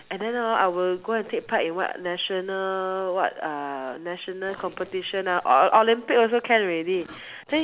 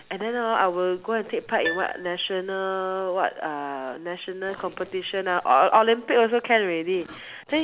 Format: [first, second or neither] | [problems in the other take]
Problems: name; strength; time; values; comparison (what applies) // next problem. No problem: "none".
first | background sound (Piano); 19 dB below the speech